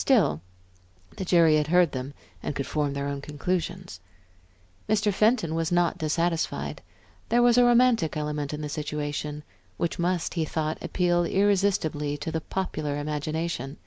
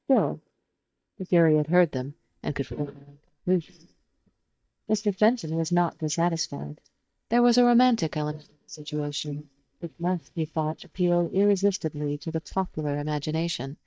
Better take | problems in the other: first | noise reduction (neural mask model DeepFilterNet 3)

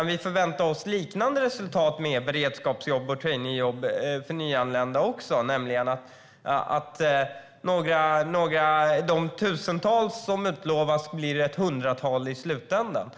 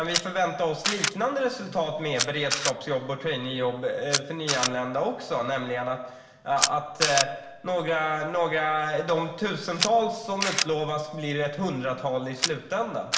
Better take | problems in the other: first | background sound (Camera); 6 dB below the speech // room echo; dies away in 1 s

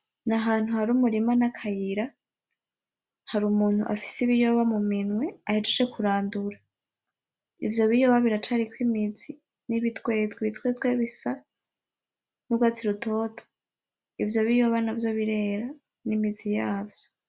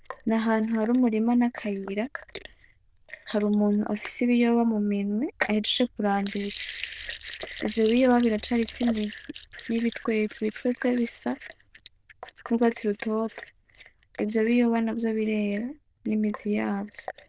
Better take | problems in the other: first | noise reduction (neural diffusion model UNIVERSE++)

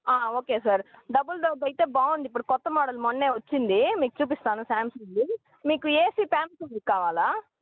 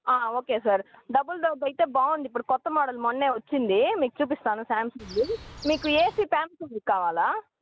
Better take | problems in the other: first | background sound (Chirp, tweet); 15 dB below the speech

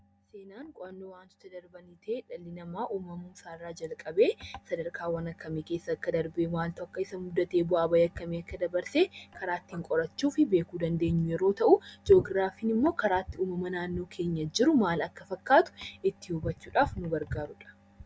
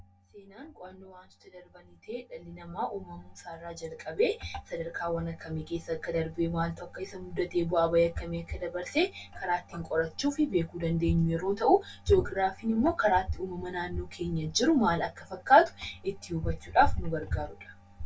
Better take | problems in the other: first | room echo; dies away in 0.1 s

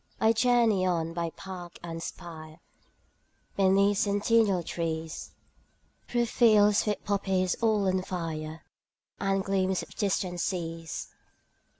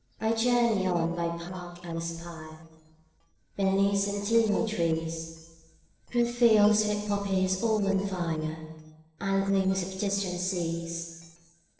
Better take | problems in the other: first | noise reduction (neural separator model SepFormer DNS4)

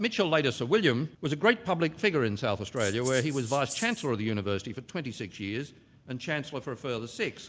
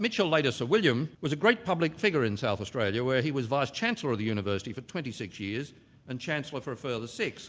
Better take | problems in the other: second | background sound (Rattle (instrument)); 12 dB below the speech

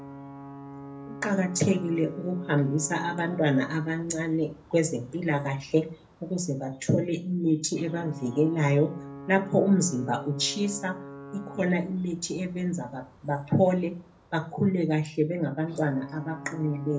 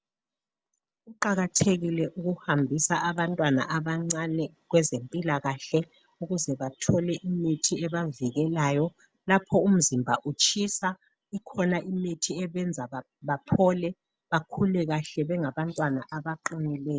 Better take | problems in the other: second | background sound (Alarm / Ocean / Boat, Water vehicle); 16 dB below the speech // room echo; dies away in 0.3 s

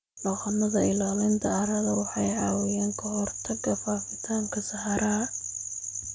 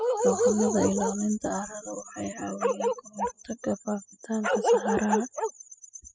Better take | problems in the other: first | noise reduction (classical method spectral subtraction)

